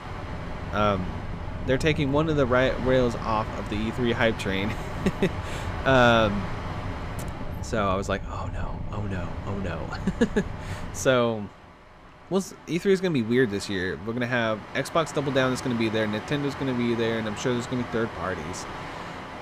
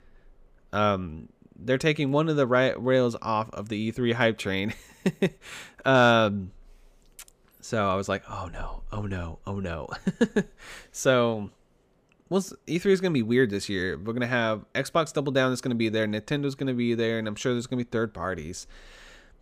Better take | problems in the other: second | train or aircraft noise; loud; throughout; 9 dB below the speech

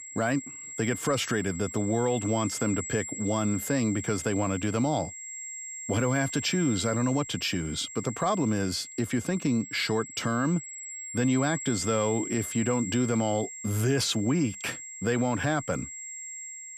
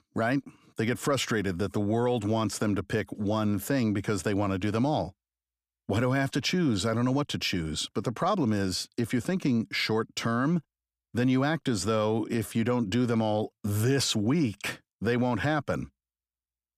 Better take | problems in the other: second | high-pitched whine; loud; throughout; 7.5 kHz, 9 dB below the speech

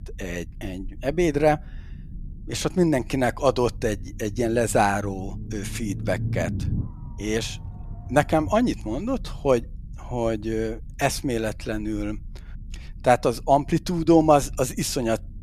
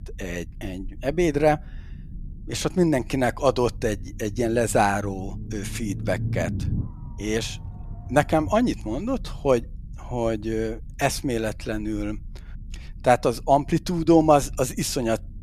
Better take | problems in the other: neither | low rumble; faint; throughout; 25 dB below the speech; the same in both

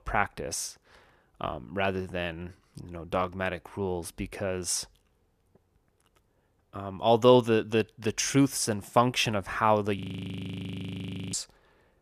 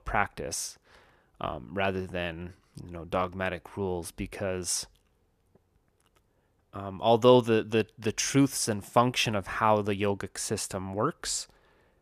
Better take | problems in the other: second | audio freezing; at 10 s for 1.5 s

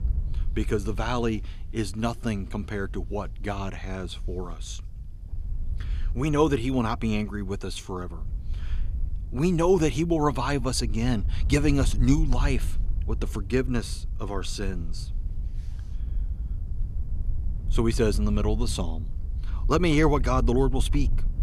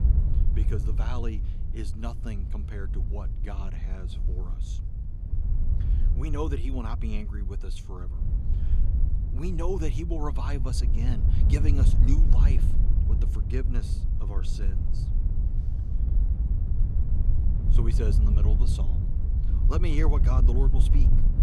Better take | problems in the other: first | wind noise on the microphone; heavy; 5 dB below the speech; occasional gusts in the first

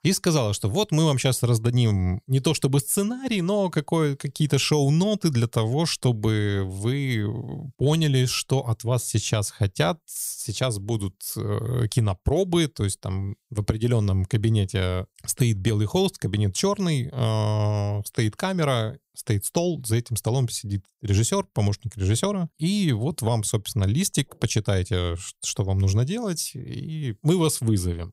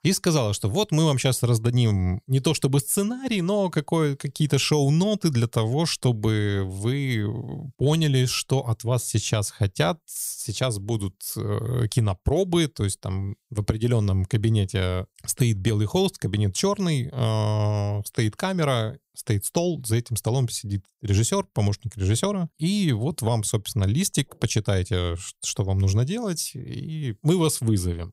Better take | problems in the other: neither | none

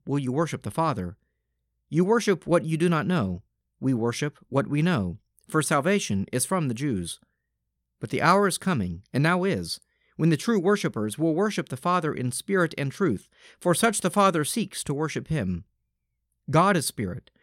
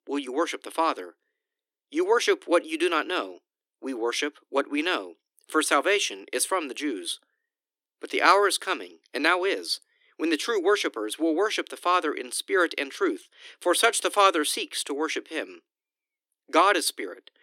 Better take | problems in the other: first | thin; somewhat; fading below 300 Hz

